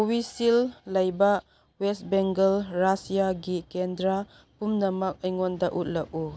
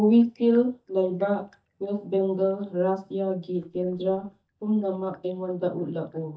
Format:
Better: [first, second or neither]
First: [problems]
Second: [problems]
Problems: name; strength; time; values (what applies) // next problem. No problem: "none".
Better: first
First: none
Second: noise reduction (neural mask model DeepFilterNet 3)